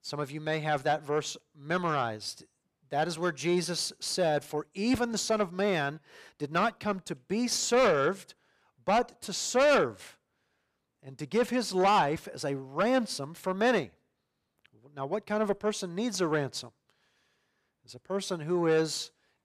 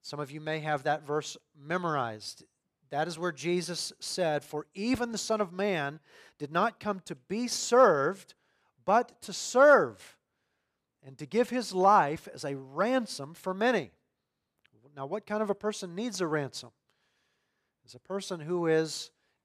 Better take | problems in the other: second | distortion; heavy; 8 dB below the speech

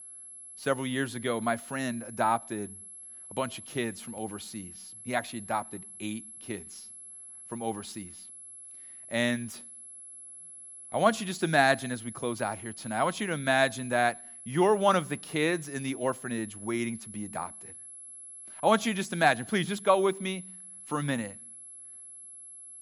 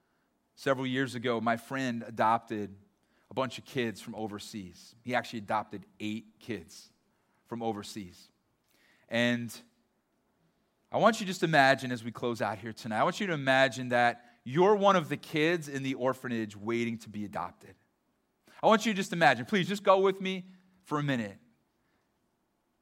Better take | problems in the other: second | high-pitched whine; noticeable; throughout; 11 kHz, 15 dB below the speech

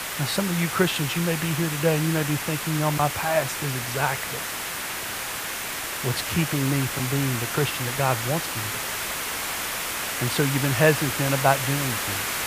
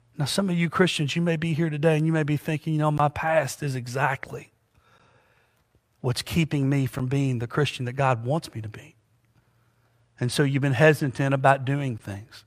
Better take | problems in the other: second | hiss; loud; throughout; 2 dB below the speech

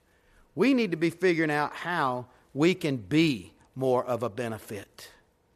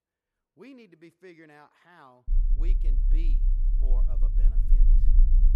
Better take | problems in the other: first | low rumble; loud; from 2.5 s on; 1 dB below the speech

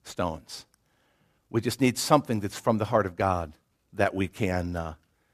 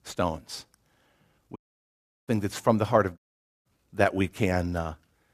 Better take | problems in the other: first | audio cutting out; at 1.5 s for 0.5 s and at 3 s

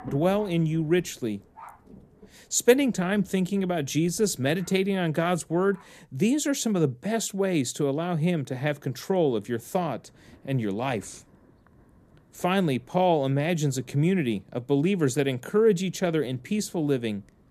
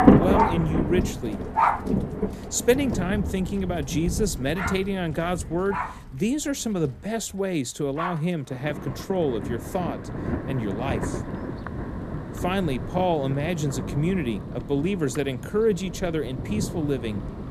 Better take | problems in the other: first | rain or running water; loud; throughout; 2 dB below the speech; faint in the first

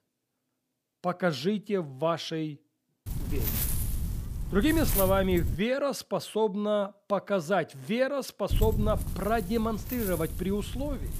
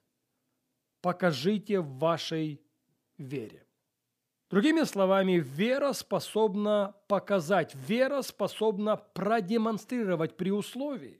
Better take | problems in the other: second | wind noise on the microphone; occasional gusts; from 3 to 5.5 s and from 8.5 s on; 10 dB below the speech

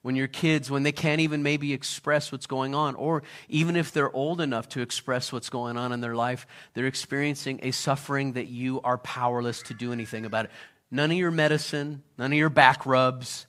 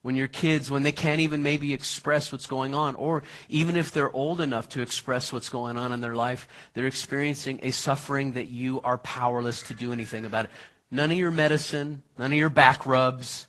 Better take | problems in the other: first | garbled, watery; slightly; nothing above 15.5 kHz

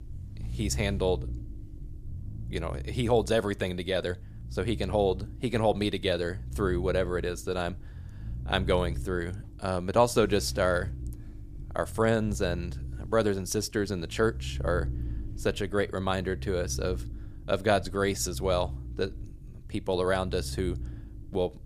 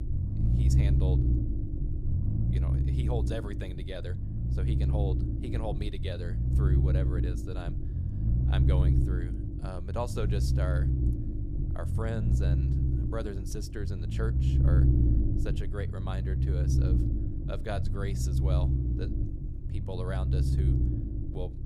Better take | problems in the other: first | low rumble; loud; throughout; 1 dB below the speech; faint in the first

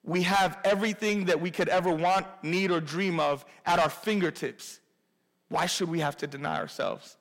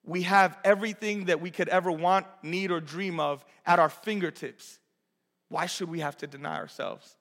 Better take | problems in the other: second | distortion; heavy; 6 dB below the speech

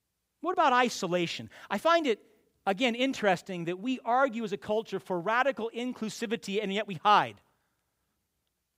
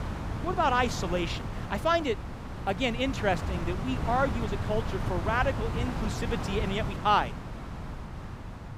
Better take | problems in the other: first | wind noise on the microphone; occasional gusts; 10 dB below the speech

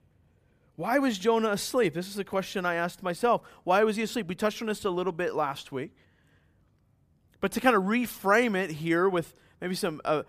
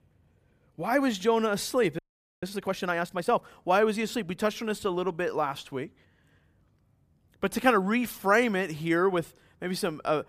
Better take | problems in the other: first | audio freezing; at 2 s

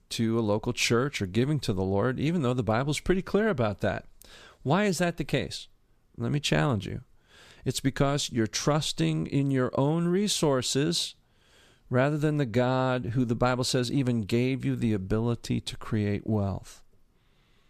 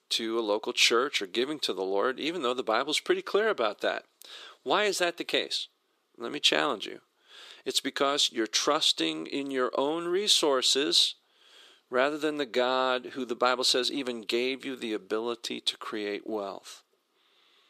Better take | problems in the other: first | thin; somewhat; fading below 350 Hz

